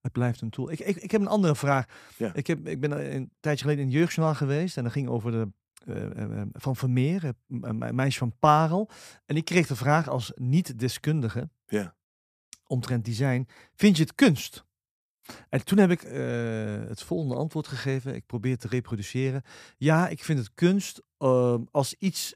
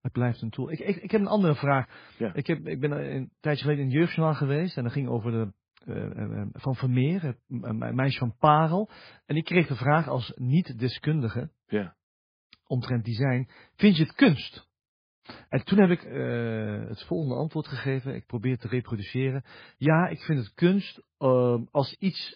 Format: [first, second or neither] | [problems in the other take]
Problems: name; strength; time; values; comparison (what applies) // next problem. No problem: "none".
first | garbled, watery; badly